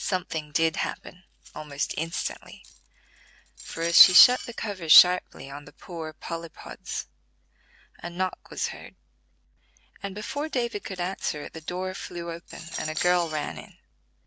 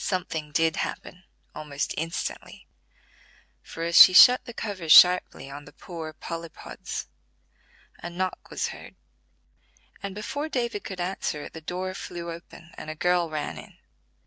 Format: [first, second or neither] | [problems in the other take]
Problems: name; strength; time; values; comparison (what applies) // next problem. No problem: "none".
second | background sound (Cutlery, silverware); 12 dB below the speech